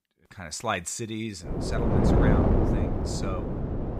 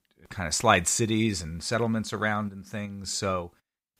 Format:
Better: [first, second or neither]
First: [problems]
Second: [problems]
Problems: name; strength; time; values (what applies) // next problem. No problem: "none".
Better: second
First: wind noise on the microphone; heavy; from 1.5 s on; 3 dB above the speech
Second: none